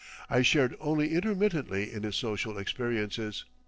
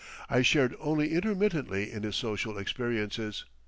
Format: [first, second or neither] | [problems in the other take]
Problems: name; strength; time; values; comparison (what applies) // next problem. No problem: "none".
second | noise reduction (neural separator model SepFormer DNS4)